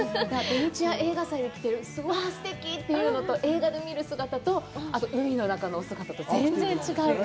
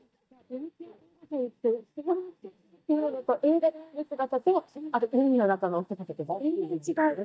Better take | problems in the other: first | noise reduction (neural mask model DeepFilterNet 3)

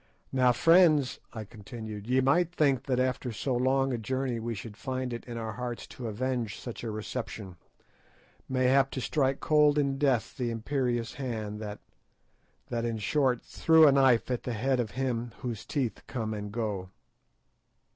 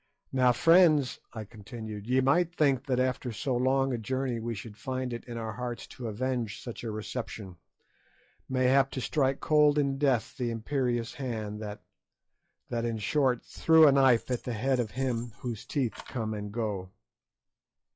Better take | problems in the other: first | noise reduction (classical method log-MMSE)

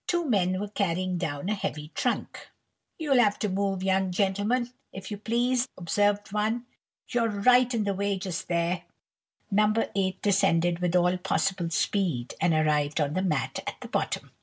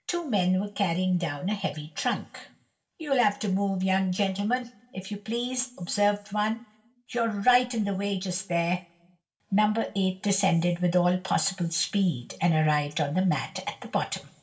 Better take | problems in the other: first | room echo; dies away in 0.5 s

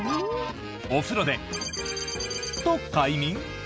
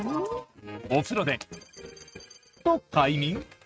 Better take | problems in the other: first | noise reduction (neural mask model RNNoise)

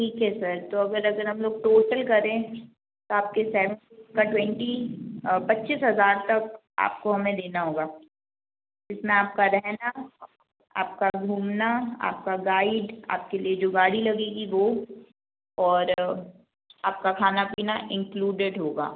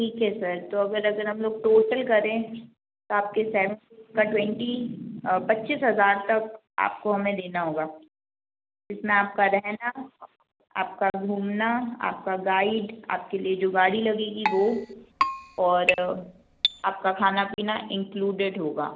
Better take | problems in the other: first | background sound (Keyboard (musical)); 4 dB below the speech

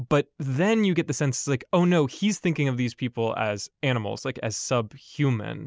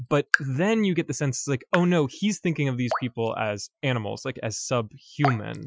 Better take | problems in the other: first | noise reduction (classical method Wiener filter)

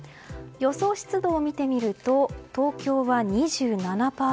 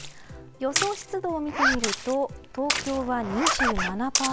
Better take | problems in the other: first | background sound (Splash, splatter + Zipper (clothing)); as loud as the speech

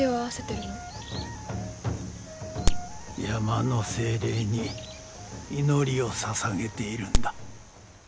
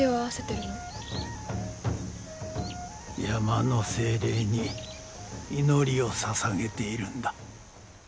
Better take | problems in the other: second | background sound (Crack); 1 dB above the speech

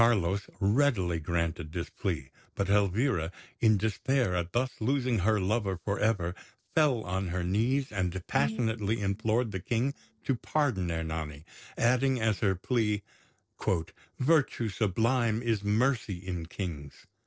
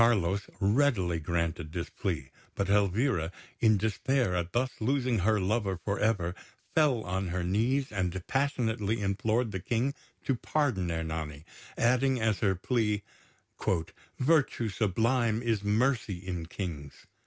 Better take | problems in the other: second | noise reduction (neural separator model SepFormer DNS4)

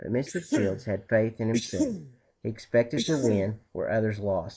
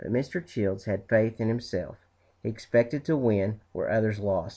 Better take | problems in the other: second | noise reduction (neural mask model Resemble Enhance denoiser)

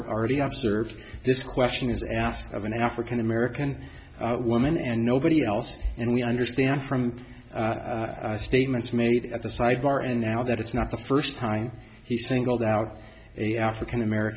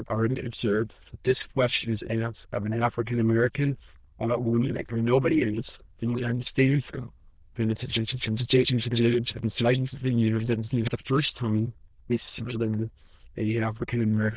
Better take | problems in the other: first | noise reduction (neural diffusion model UNIVERSE++)

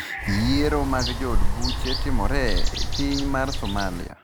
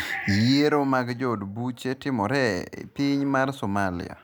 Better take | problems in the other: second | background sound (Bird); 4 dB above the speech

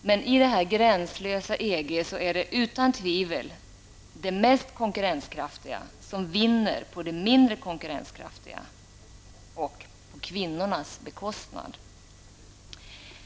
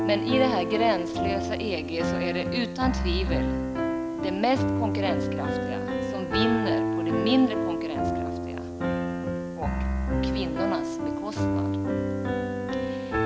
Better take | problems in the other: first | background sound (Piano); 3 dB above the speech

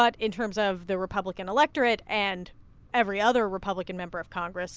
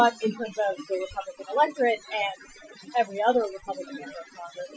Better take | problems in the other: first | noise reduction (classical method Wiener filter)

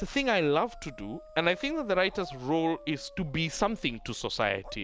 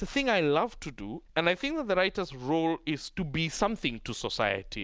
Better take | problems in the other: second | background sound (Dog); 19 dB below the speech

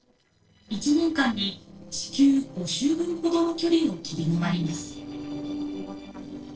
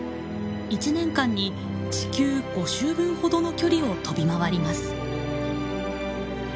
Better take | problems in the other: second | noise reduction (neural separator model SepFormer DNS4)

